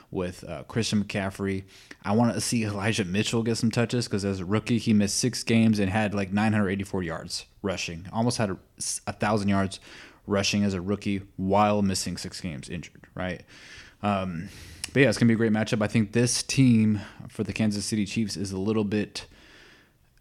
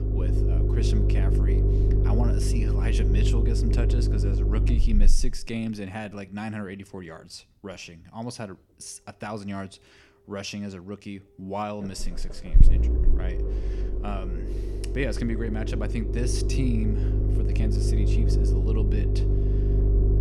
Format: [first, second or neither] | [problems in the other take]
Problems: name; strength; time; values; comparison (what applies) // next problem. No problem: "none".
first | low rumble; loud; throughout; as loud as the speech